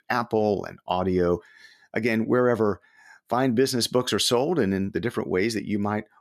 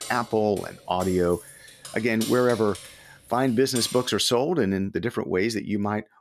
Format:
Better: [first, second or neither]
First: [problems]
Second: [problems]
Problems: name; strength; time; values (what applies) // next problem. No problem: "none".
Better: first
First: none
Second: jangling keys; noticeable; until 4 s; peak 8 dB below the speech